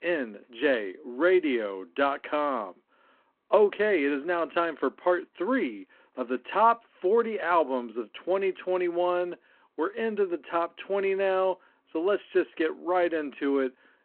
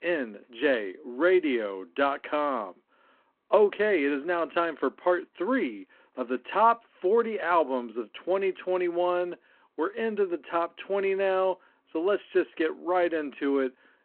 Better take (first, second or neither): neither